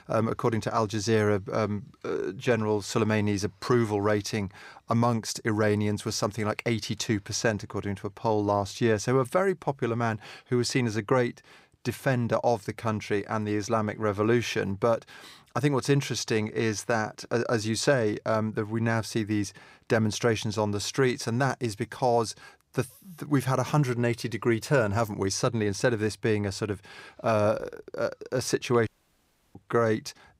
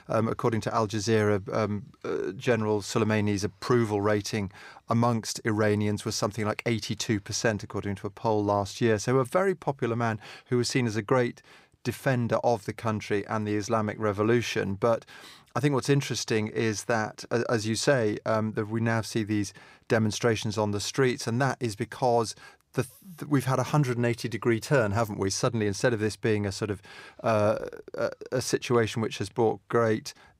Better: second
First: audio cutting out; at 29 s for 0.5 s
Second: none

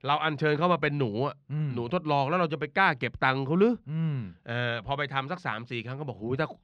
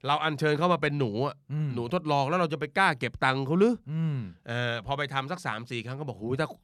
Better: second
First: muffled; very slightly; fading above 3 kHz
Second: none

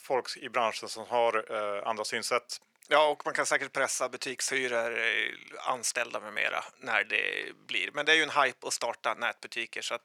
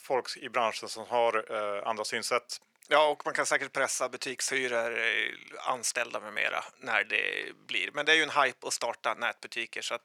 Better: neither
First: thin; very; fading below 600 Hz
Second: thin; very; fading below 600 Hz

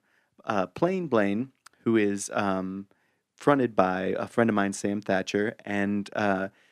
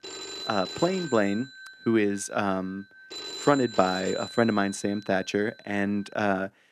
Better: first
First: none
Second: phone ringing; noticeable; until 6 s; peak 8 dB below the speech

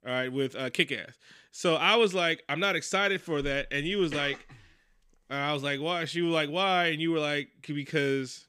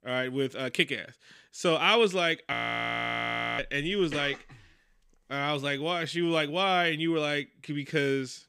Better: first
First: none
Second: audio freezing; at 2.5 s for 1 s

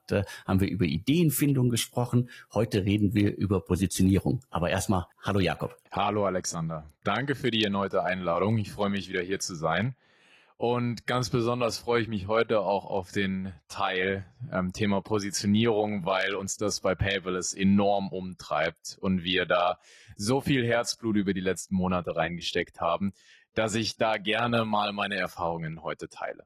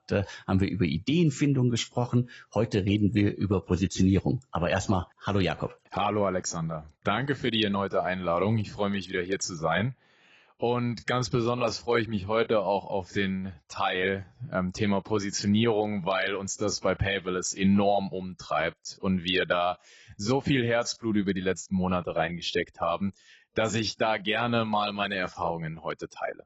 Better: first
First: garbled, watery; slightly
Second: garbled, watery; badly; nothing above 7.5 kHz

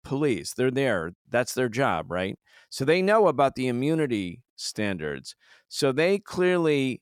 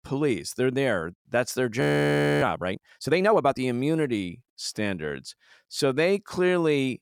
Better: first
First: none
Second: audio freezing; at 2 s for 0.5 s

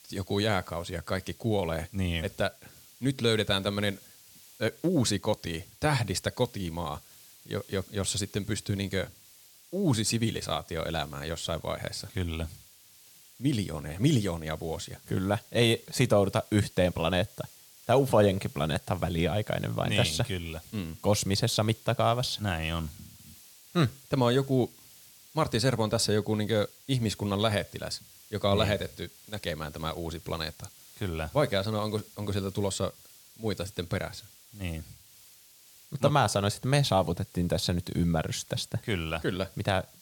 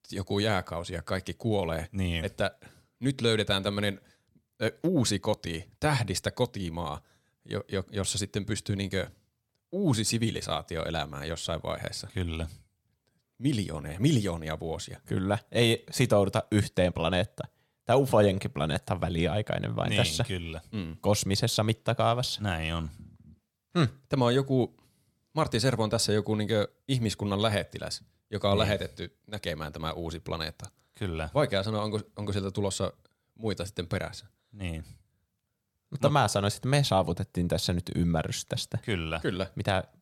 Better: second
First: hiss; faint; throughout; 20 dB below the speech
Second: none

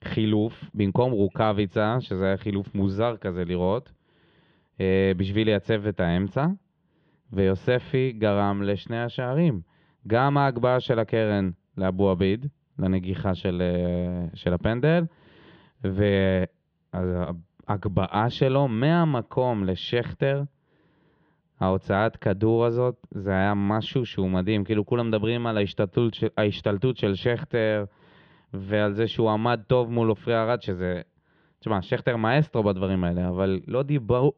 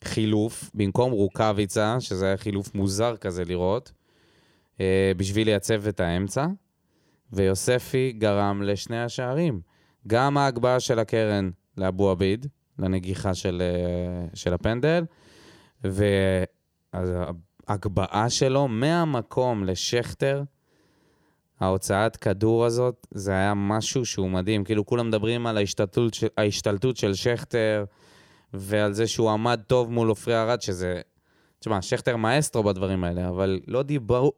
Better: second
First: muffled; very; fading above 3.5 kHz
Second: none

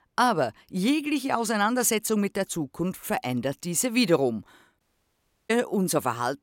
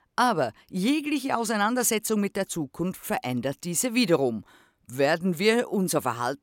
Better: second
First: audio cutting out; at 5 s for 0.5 s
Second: none

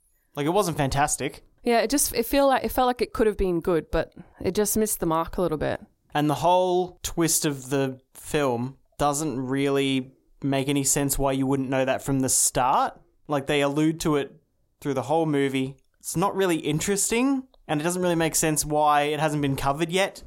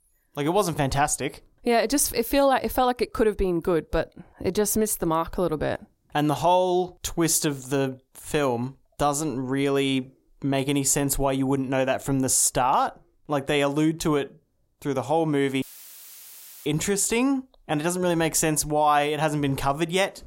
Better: first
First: none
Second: audio cutting out; filled with static; at 16 s for 1 s

